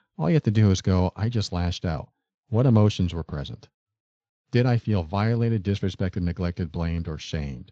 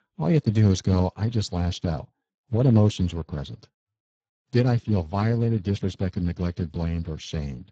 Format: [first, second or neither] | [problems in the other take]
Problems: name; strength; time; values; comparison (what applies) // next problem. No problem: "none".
first | garbled, watery; badly; nothing above 7.5 kHz; slightly in the first